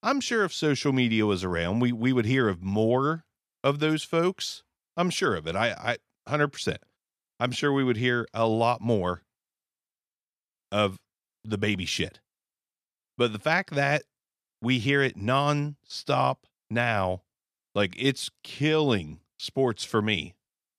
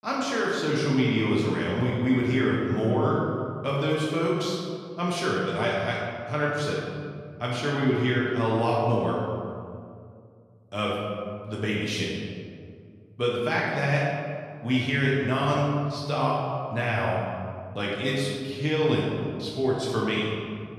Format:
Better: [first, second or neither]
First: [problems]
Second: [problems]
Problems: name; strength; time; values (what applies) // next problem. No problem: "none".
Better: first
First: none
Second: room echo; noticeable; dies away in 1.9 s // off-mic speech; far